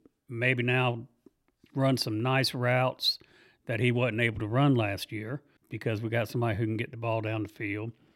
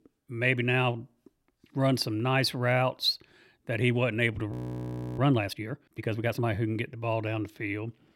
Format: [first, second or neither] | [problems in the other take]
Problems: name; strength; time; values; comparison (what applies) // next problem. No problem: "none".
first | audio freezing; at 4.5 s for 0.5 s